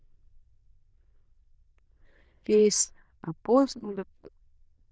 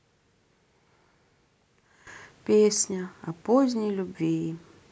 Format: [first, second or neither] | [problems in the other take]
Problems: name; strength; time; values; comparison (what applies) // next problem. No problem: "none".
second | noise reduction (neural diffusion model UNIVERSE++)